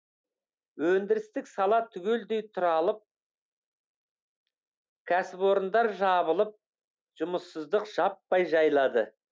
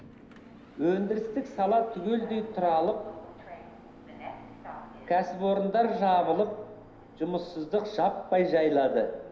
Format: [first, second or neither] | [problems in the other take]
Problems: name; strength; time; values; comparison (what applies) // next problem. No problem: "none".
first | background sound (Subway, metro, underground); 17 dB below the speech // room echo; dies away in 0.9 s